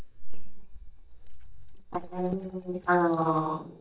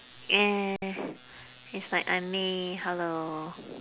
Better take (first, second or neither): second